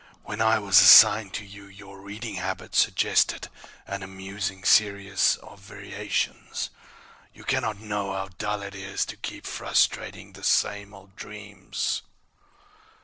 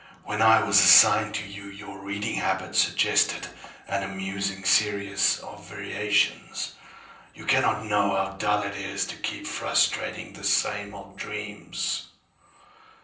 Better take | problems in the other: first | room echo; dies away in 0.6 s

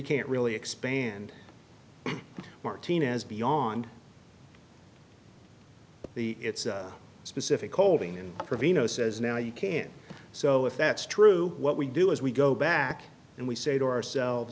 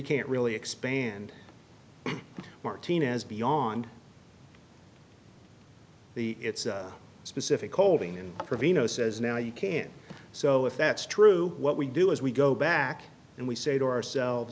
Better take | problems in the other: second | background sound (Percussion); 20 dB below the speech

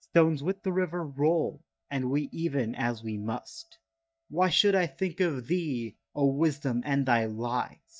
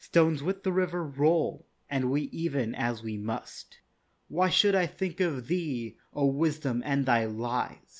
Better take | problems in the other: second | noise reduction (neural mask model DeepFilterNet 3)

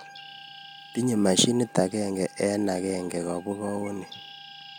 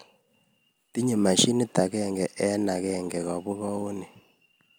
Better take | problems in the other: second | background sound (Trumpet + Bird); 19 dB below the speech

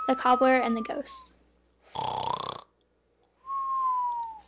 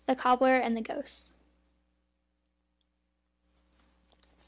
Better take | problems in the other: second | background sound (Breathing); 3 dB below the speech

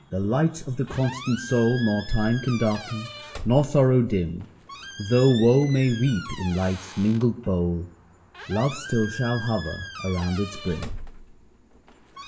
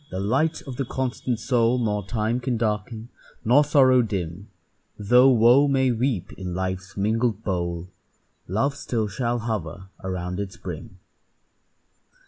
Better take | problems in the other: second | background sound (Squeak); 15 dB below the speech // room echo; dies away in 0.6 s

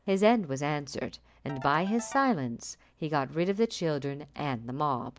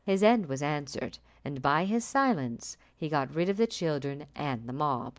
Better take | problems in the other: second | background sound (Ringtone / Keyboard (musical)); 18 dB below the speech

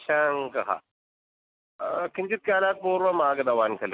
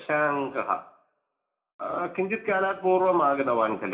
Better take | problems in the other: first | room echo; dies away in 0.4 s

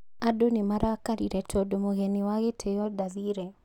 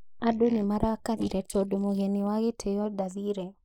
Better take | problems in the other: first | noise reduction (neural mask model Resemble Enhance denoiser)

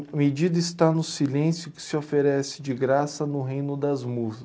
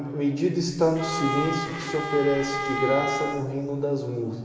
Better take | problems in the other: first | background sound (Bowed string instrument); 5 dB below the speech // room echo; dies away in 2.3 s

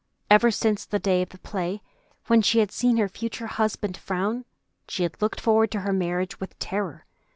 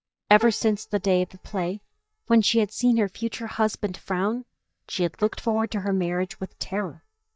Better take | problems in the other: first | noise reduction (neural mask model DeepFilterNet 3)

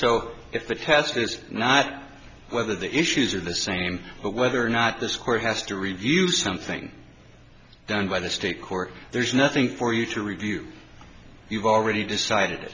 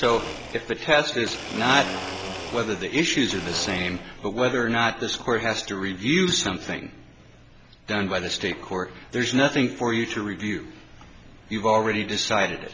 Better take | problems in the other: first | background sound (Domestic sounds, home sounds); 15 dB below the speech

